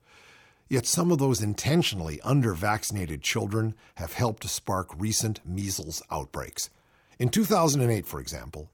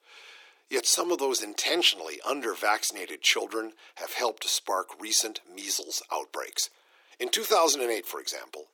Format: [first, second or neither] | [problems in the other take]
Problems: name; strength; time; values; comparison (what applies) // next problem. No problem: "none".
first | thin; very; fading below 350 Hz